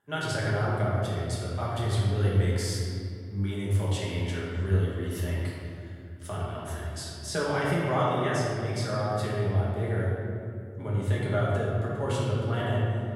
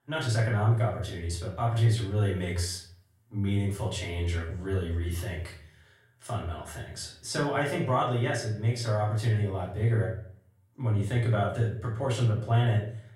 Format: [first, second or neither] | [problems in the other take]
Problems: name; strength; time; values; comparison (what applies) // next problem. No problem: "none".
second | room echo; strong; dies away in 2.4 s; slight in the second // off-mic speech; far; far in the second